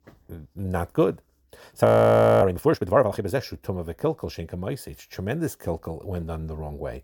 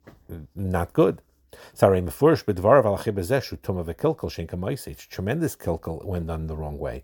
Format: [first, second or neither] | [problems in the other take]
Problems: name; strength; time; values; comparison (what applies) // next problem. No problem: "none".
second | audio freezing; at 2 s for 0.5 s